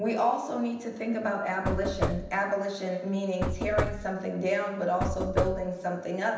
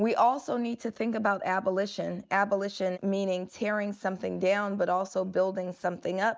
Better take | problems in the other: second | background sound (Knock / Wood); 2 dB below the speech // room echo; dies away in 0.9 s

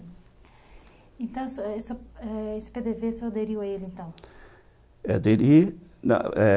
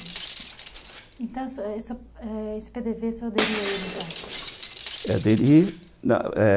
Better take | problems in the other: first | background sound (Shatter); 12 dB below the speech

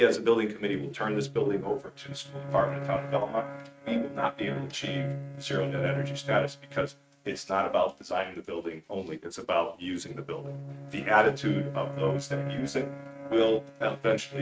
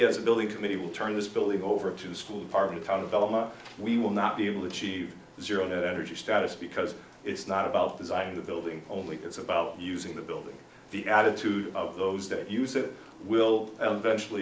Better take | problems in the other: second | noise reduction (neural mask model RNNoise)

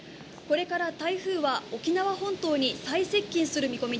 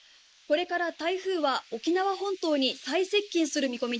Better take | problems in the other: first | noise reduction (neural mask model Resemble Enhance denoiser)

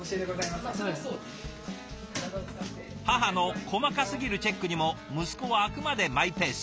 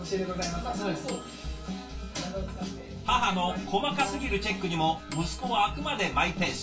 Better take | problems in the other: first | background sound (Microwave oven / Bell); 18 dB below the speech // room echo; dies away in 0.2 s

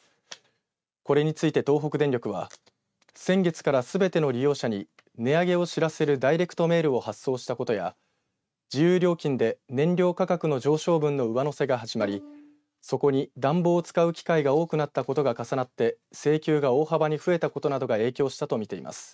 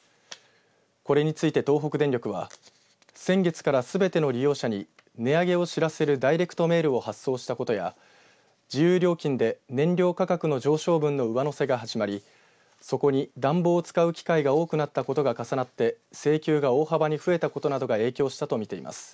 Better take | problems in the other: second | noise reduction (neural mask model RNNoise)

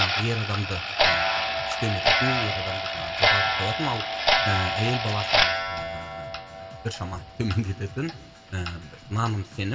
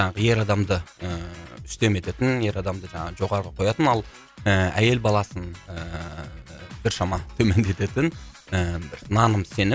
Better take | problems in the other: second | background sound (Clock); 4 dB above the speech // room echo; dies away in 1.3 s

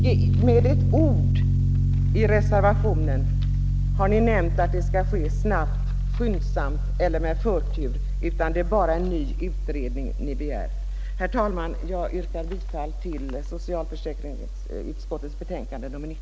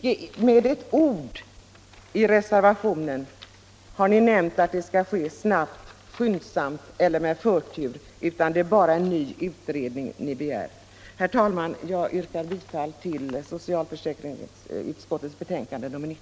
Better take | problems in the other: second | background sound (Piano); 4 dB above the speech

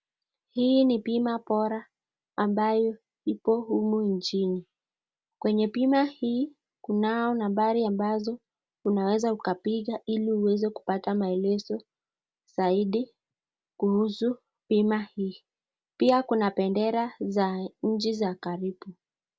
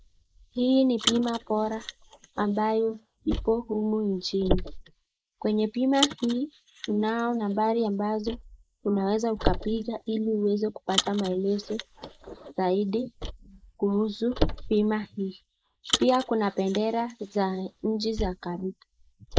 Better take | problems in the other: first | noise reduction (neural mask model Resemble Enhance denoiser)

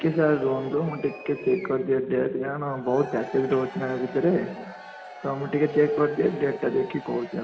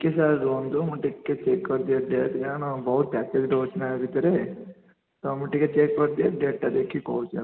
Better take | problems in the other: second | background sound (Crowd / Cheering); 17 dB below the speech

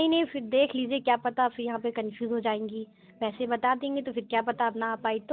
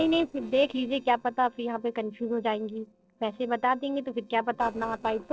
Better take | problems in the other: first | noise reduction (neural separator model SepFormer DNS4)

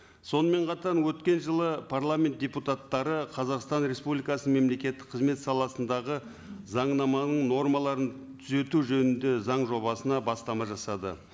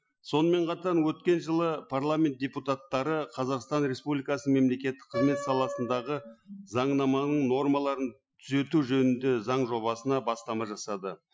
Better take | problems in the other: first | noise reduction (classical method Wiener filter)

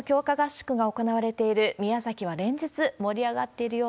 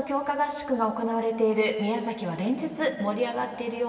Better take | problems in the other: first | room echo; dies away in 2.4 s

